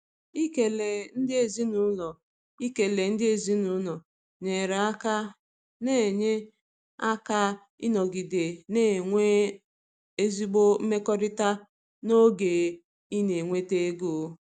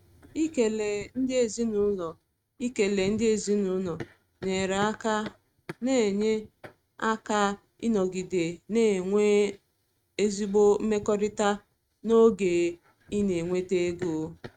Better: first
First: none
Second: noise reduction (neural mask model RNNoise)

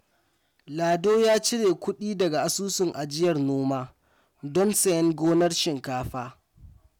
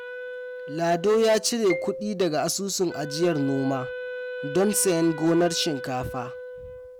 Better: first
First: none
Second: background sound (Wind instrument, woodwind instrument + Marimba, xylophone); 10 dB below the speech

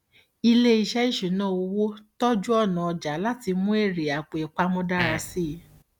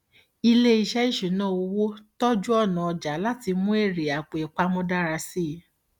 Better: second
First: background sound (Fart); 9 dB below the speech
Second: none

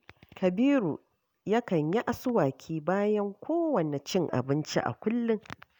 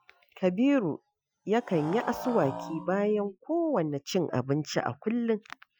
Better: first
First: none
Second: noise reduction (classical method Wiener filter)

